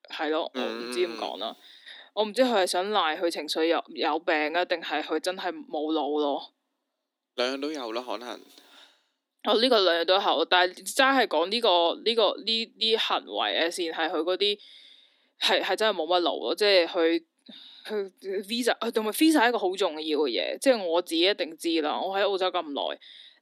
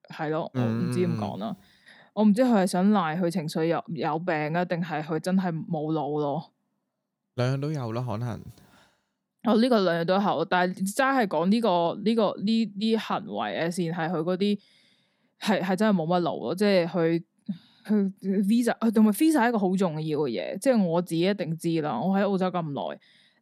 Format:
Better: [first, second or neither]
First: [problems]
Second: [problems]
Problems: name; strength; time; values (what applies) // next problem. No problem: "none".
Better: second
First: thin; somewhat; fading below 250 Hz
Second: none